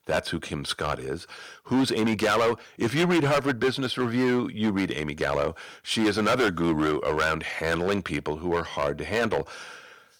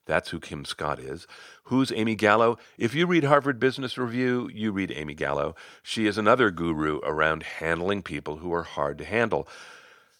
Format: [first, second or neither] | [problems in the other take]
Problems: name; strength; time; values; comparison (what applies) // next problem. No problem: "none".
second | distortion; heavy; 9% of the sound clipped